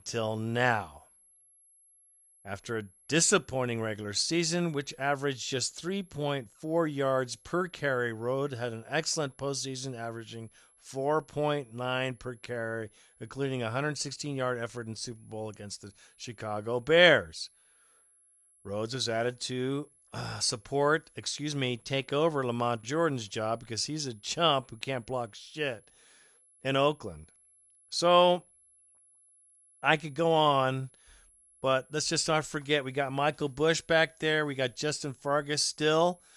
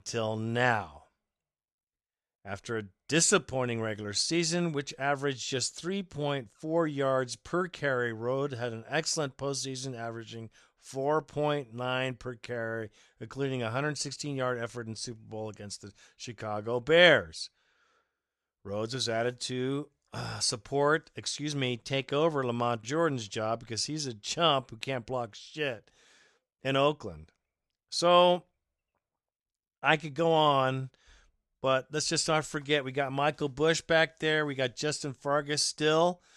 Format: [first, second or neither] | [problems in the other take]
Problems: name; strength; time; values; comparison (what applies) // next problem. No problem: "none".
second | high-pitched whine; faint; throughout; 11 kHz, 30 dB below the speech